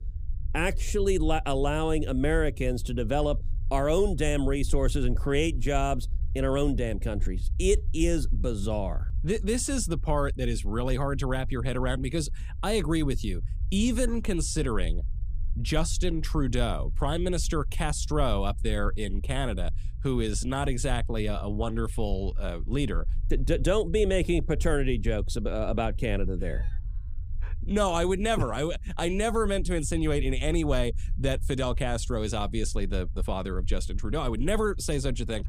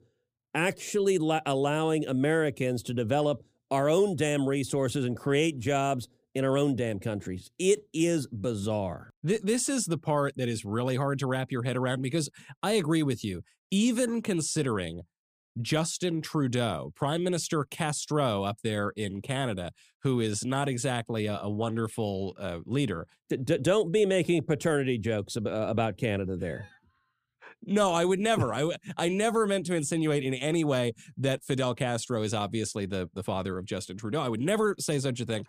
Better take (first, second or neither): second